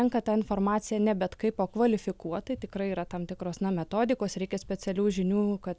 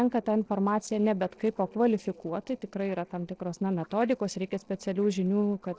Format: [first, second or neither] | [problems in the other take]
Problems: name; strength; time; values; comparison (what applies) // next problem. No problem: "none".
first | noise reduction (neural separator model SepFormer DNS4)